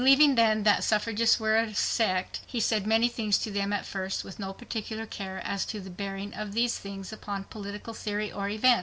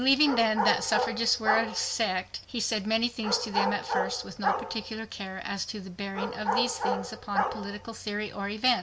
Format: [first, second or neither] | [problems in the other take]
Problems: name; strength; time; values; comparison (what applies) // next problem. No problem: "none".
first | background sound (Bark); 3 dB below the speech